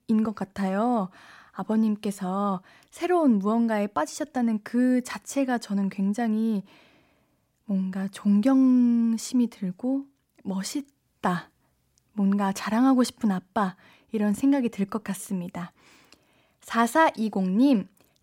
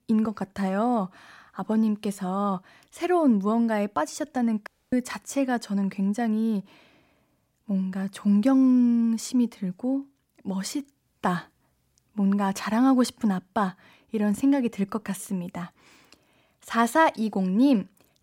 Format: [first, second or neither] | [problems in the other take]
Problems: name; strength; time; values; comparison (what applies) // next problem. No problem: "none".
first | audio cutting out; at 4.5 s